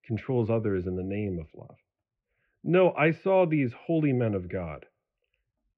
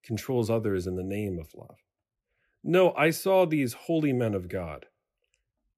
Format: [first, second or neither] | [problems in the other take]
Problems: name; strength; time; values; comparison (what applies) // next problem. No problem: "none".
second | muffled; very; fading above 2.5 kHz